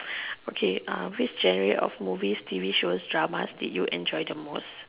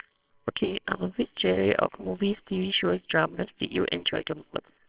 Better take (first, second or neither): first